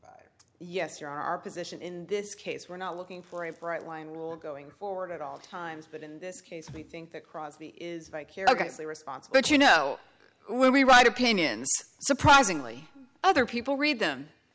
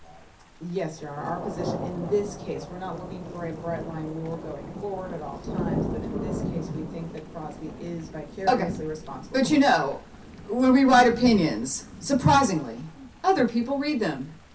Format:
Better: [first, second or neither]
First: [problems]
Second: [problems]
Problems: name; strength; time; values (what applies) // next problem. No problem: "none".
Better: first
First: none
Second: background sound (Thunder / Rain); 10 dB below the speech // room echo; dies away in 0.3 s